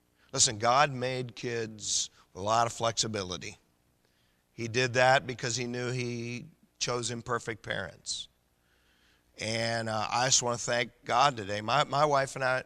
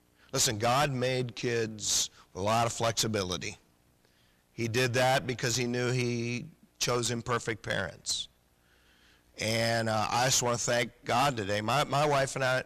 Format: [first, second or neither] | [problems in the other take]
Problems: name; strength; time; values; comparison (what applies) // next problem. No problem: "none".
first | distortion; heavy; 9% of the sound clipped